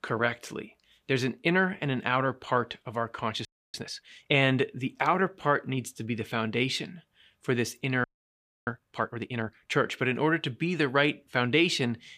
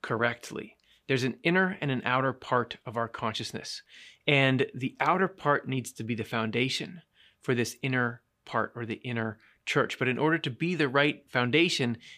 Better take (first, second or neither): second